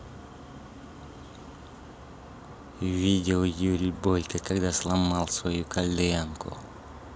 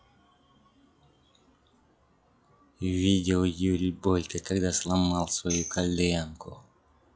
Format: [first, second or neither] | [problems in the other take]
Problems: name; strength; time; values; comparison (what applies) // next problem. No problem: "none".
first | noise reduction (classical method log-MMSE)